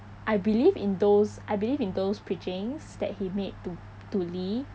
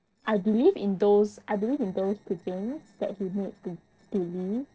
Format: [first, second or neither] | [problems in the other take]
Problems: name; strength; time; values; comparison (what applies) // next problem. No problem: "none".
first | noise reduction (neural separator model SepFormer DNS4)